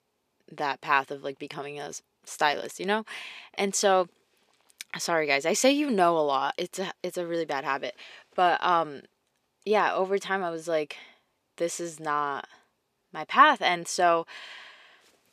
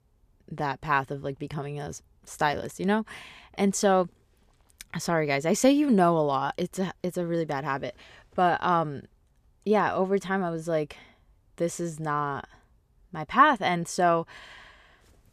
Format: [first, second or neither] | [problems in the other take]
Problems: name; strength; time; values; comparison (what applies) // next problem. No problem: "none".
second | thin; very slightly; fading below 350 Hz